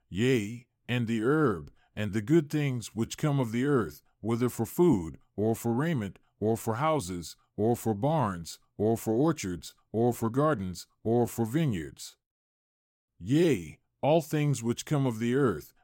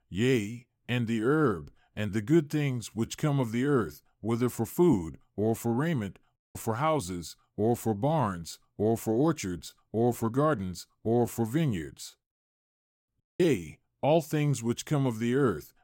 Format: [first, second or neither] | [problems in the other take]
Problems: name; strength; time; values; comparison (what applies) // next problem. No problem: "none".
first | audio cutting out; at 6.5 s and at 13 s